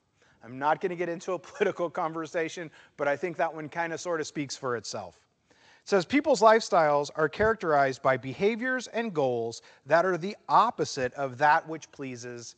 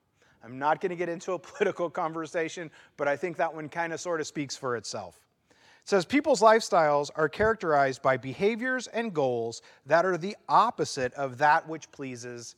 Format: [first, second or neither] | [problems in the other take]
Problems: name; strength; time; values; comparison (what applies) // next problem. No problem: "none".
second | garbled, watery; slightly; nothing above 7.5 kHz